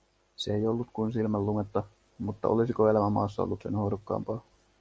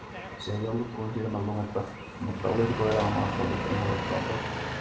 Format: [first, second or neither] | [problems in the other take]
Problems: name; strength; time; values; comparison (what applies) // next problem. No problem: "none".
first | background sound (Engine); 3 dB below the speech // room echo; dies away in 0.8 s